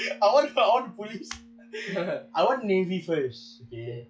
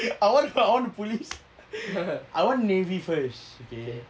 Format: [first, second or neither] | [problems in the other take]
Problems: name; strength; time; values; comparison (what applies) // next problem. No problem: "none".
second | noise reduction (classical method log-MMSE)